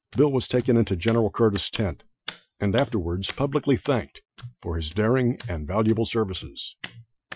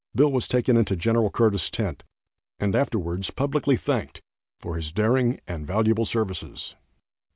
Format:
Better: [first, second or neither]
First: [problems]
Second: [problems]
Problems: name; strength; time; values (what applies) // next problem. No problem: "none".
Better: second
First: noise reduction (classical method Wiener filter)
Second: none